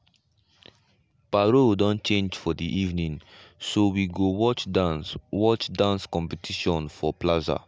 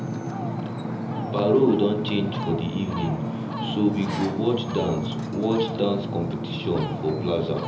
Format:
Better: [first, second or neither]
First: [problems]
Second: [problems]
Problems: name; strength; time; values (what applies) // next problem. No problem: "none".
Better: first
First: none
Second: background sound (Ocean); 3 dB below the speech // room echo; dies away in 0.8 s